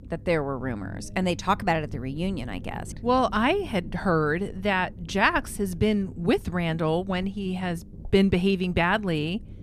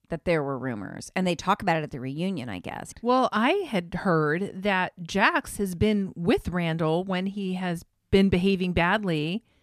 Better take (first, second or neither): second